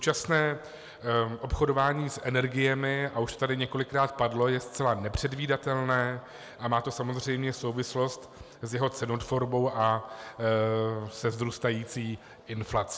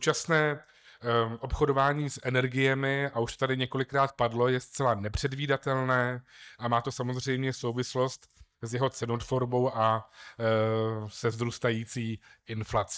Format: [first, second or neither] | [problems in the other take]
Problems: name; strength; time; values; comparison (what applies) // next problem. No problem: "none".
first | noise reduction (neural mask model DeepFilterNet 3)